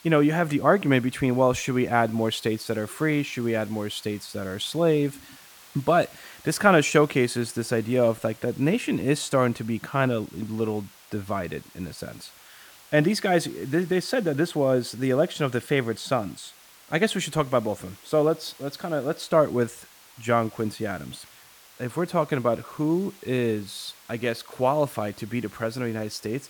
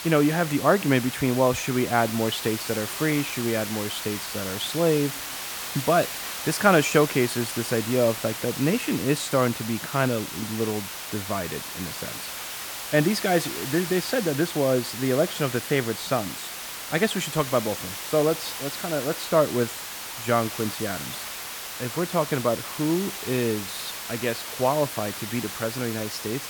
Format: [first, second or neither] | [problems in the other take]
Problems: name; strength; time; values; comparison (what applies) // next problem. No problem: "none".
first | hiss; loud; throughout; 7 dB below the speech; faint in the first